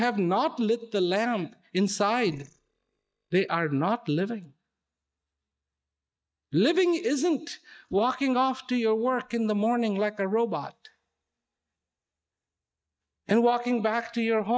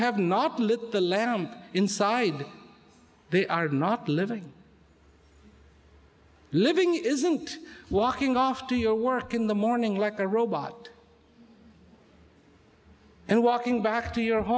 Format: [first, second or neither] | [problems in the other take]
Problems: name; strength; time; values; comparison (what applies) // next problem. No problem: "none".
second | noise reduction (neural mask model DeepFilterNet 3)